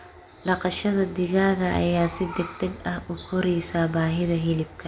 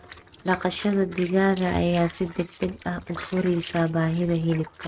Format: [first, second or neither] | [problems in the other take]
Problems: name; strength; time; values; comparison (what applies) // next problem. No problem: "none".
first | noise reduction (neural mask model RNNoise)